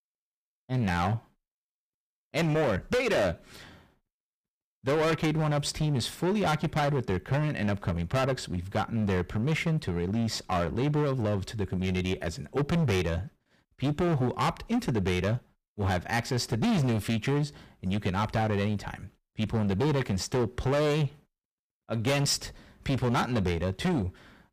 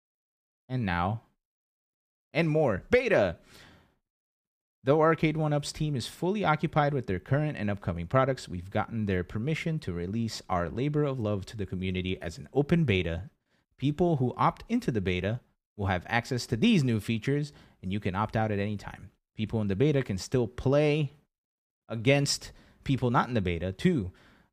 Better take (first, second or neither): second